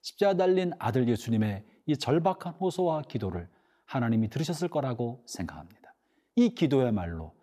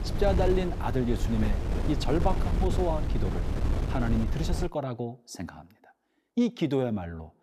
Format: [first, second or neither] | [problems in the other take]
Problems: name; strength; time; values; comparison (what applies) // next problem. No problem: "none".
first | wind noise on the microphone; heavy; until 4.5 s; 7 dB below the speech